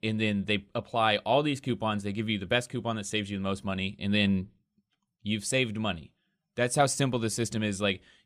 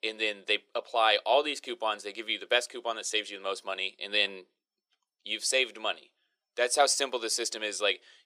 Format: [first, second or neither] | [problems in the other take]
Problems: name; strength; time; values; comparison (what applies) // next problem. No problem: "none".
first | thin; very; fading below 400 Hz